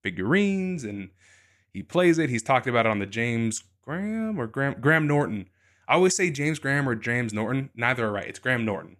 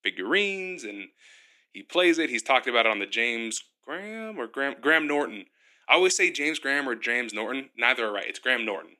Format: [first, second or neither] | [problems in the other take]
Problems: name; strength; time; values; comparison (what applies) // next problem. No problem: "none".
first | thin; somewhat; fading below 300 Hz